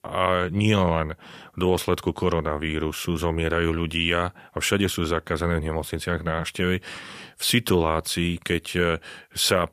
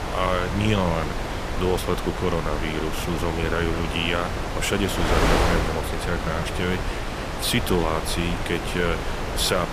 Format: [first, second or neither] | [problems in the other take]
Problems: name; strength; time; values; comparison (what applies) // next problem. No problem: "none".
first | wind noise on the microphone; heavy; 2 dB below the speech